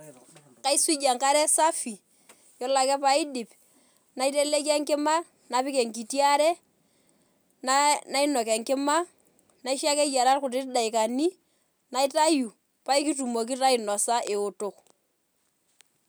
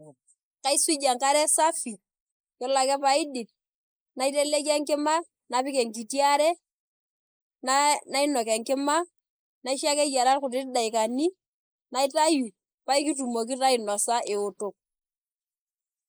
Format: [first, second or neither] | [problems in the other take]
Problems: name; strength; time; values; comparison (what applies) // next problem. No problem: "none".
first | noise reduction (neural mask model Resemble Enhance denoiser)